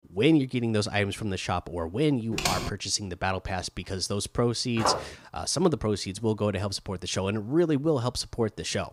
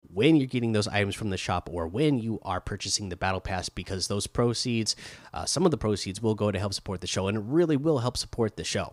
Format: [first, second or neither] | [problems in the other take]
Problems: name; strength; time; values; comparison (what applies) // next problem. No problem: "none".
second | keyboard typing; noticeable; at 2.5 s; peak level with the speech // footsteps; noticeable; at 5 s; peak 1 dB below the speech